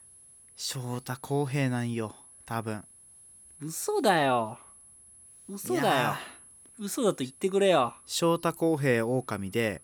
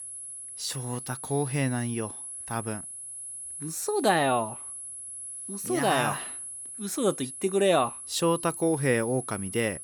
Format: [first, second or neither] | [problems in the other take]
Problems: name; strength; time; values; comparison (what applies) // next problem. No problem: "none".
first | high-pitched whine; loud; throughout; 10.5 kHz, 9 dB below the speech; faint in the first